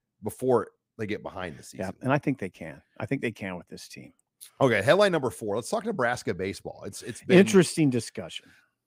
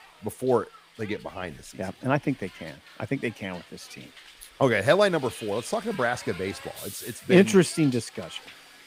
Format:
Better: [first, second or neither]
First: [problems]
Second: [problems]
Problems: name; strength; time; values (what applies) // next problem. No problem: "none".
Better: first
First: none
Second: hiss; noticeable; throughout; 20 dB below the speech